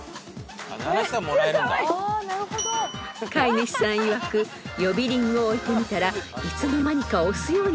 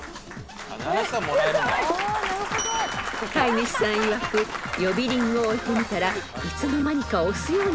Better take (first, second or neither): first